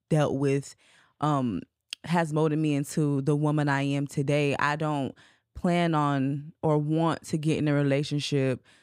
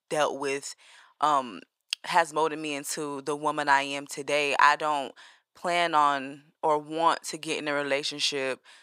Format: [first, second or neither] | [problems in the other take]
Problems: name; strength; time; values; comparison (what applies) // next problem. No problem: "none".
first | thin; very; fading below 650 Hz